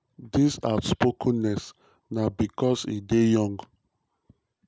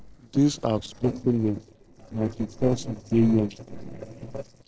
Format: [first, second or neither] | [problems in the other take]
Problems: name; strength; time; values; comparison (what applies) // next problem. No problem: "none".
first | noise reduction (neural separator model SepFormer DNS4)